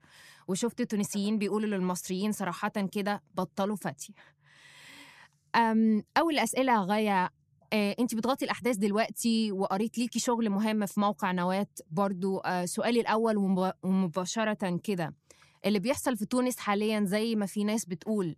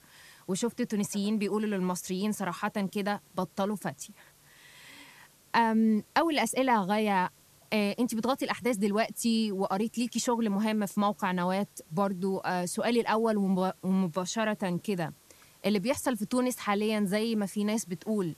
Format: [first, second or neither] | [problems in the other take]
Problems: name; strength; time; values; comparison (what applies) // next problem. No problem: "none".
first | hiss; faint; throughout; 30 dB below the speech